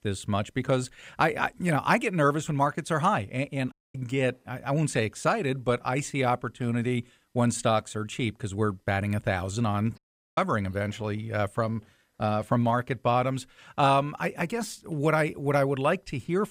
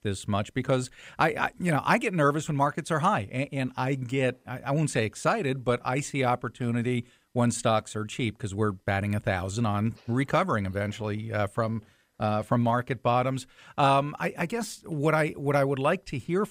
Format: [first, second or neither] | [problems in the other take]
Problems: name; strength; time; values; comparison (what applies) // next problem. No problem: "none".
second | audio cutting out; at 3.5 s and at 10 s